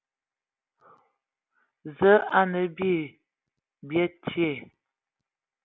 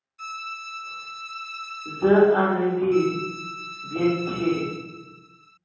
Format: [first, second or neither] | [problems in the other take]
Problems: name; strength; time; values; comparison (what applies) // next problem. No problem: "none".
first | background sound (Bowed string instrument); 12 dB below the speech // room echo; dies away in 1.3 s